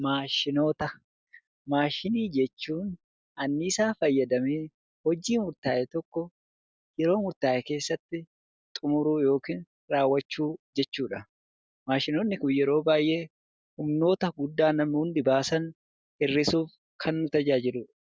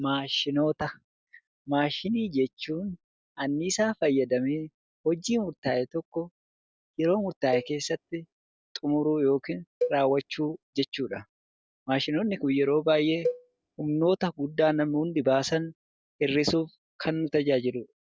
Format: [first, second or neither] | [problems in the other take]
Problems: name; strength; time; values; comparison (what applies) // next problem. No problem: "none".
first | background sound (Cowbell); 9 dB below the speech